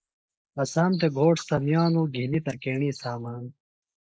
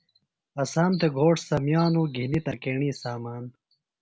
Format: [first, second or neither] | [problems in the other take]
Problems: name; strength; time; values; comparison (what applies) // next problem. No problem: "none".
second | noise reduction (neural mask model Resemble Enhance denoiser)